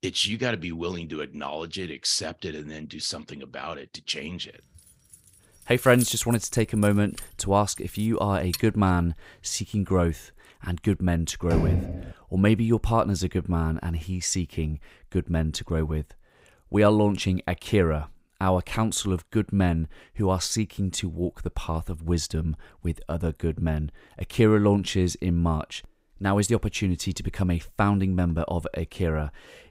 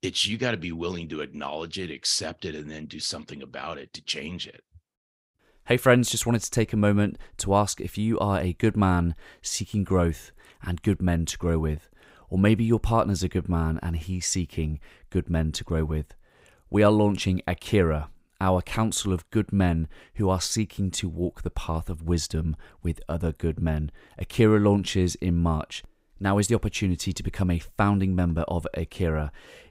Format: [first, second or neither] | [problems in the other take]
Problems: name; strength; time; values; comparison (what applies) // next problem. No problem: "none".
second | jangling keys; noticeable; from 6 to 8.5 s; peak 6 dB below the speech // door banging; loud; at 12 s; peak 1 dB above the speech